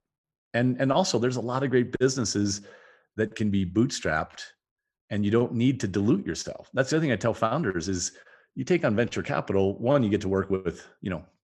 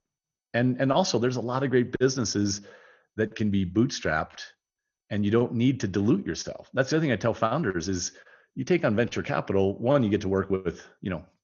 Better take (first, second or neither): first